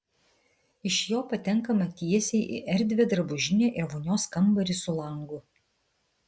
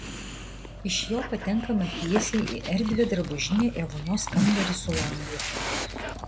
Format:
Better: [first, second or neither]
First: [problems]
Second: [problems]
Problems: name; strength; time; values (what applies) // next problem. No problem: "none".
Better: first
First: none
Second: background sound (Dog); 5 dB below the speech